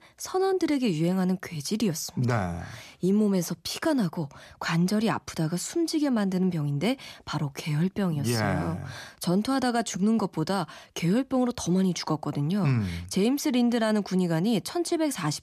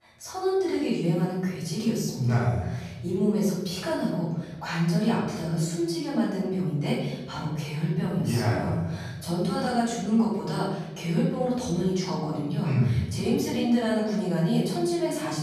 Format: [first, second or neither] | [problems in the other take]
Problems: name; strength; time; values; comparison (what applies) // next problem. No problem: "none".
first | room echo; noticeable; dies away in 1 s // off-mic speech; far